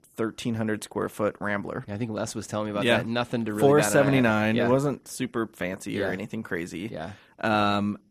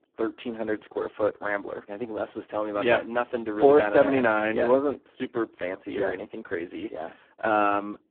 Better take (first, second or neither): first